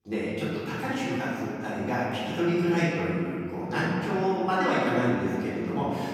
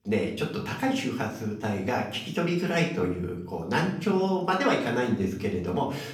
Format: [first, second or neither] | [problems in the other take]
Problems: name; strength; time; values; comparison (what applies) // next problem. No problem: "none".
second | room echo; strong; dies away in 2.2 s; slight in the second // off-mic speech; far; far in the second